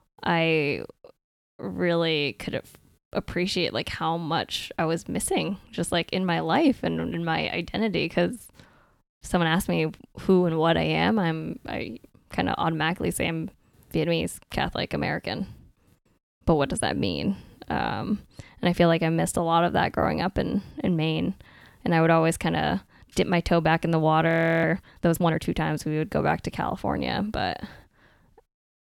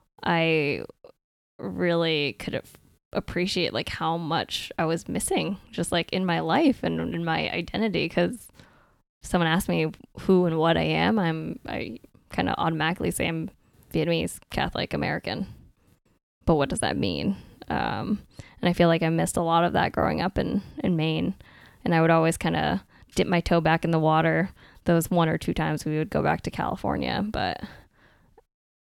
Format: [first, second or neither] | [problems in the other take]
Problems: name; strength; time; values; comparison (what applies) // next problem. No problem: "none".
second | audio freezing; at 24 s